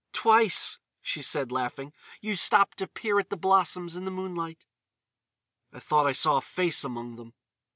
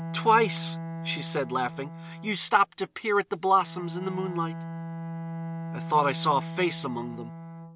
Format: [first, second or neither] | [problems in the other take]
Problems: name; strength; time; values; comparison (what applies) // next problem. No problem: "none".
first | background sound (Bowed string instrument); 9 dB below the speech